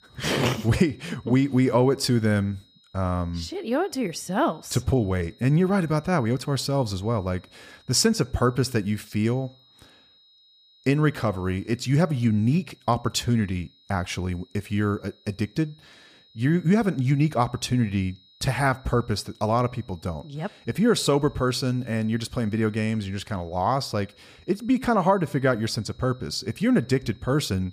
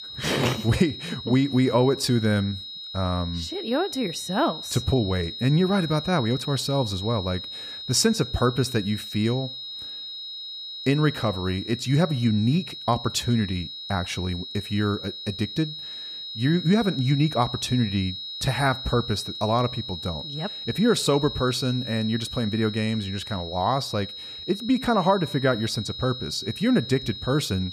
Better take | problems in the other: first | high-pitched whine; loud; throughout; 4 kHz, 9 dB below the speech; faint in the first

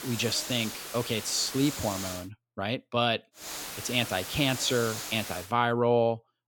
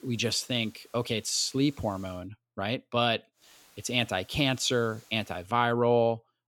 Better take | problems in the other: second | hiss; loud; until 2 s and from 3.5 to 5.5 s; 8 dB below the speech; faint in the second

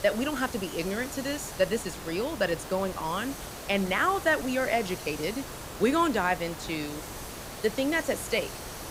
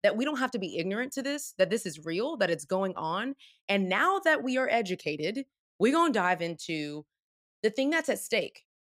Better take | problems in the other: second | hiss; loud; throughout; 10 dB below the speech

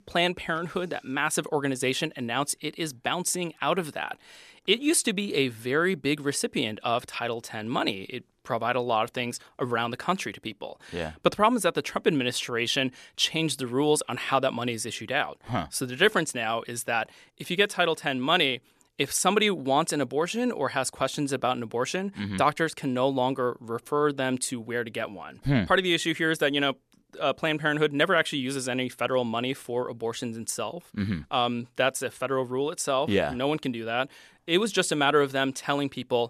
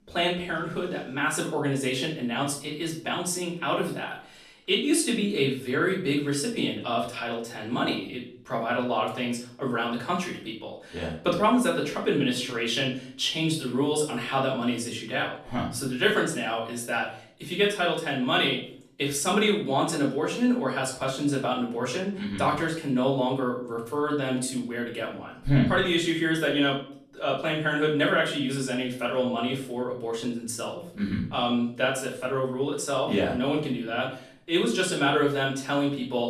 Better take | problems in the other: first | room echo; slight; dies away in 0.5 s // off-mic speech; far

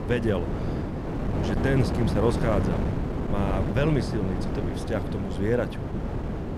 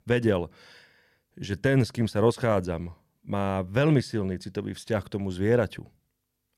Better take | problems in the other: second | wind noise on the microphone; heavy; 4 dB below the speech

